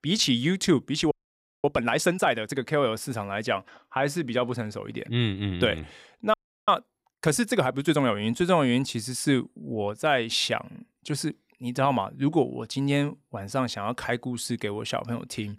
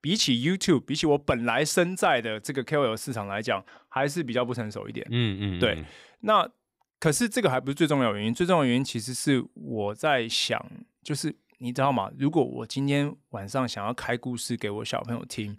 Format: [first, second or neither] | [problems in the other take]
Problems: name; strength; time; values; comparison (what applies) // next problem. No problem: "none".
second | audio freezing; at 1 s for 0.5 s and at 6.5 s